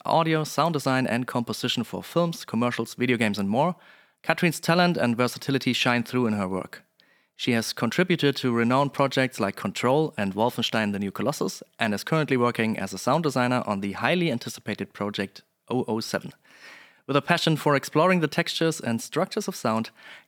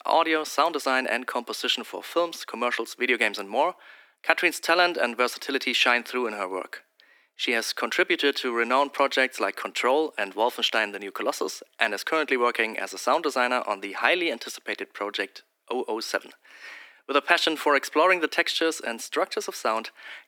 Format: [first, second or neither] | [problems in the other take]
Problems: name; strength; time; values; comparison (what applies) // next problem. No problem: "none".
first | thin; somewhat; fading below 300 Hz